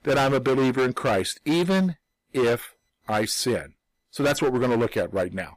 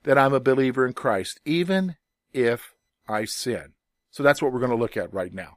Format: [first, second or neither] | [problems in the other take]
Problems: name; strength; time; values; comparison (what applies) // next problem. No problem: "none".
second | distortion; heavy; 15% of the sound clipped